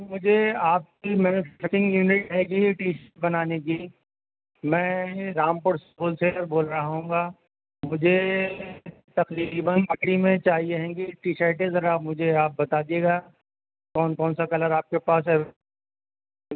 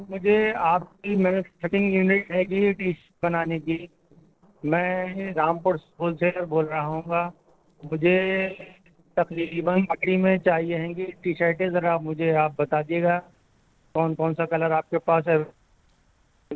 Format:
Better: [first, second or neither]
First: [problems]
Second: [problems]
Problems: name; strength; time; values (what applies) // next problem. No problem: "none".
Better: first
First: none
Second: noise reduction (neural separator model SepFormer DNS4)